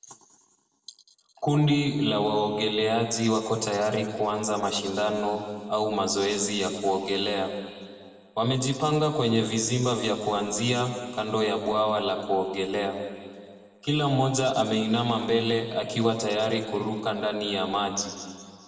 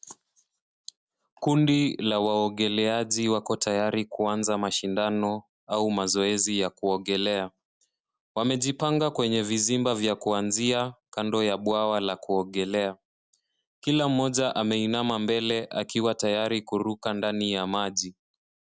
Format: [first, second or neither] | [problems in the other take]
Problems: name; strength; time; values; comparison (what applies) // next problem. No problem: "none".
second | room echo; dies away in 2 s